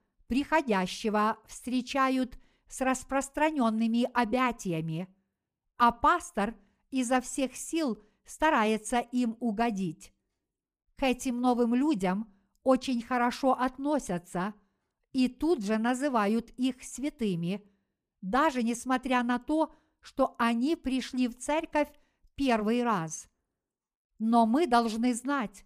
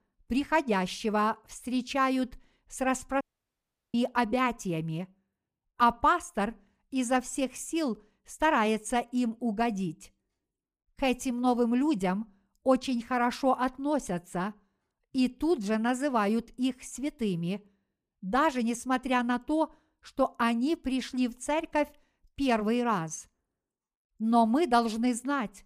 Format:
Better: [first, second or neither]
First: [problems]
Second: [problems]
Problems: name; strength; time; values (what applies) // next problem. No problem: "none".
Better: first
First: none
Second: audio cutting out; at 3 s for 0.5 s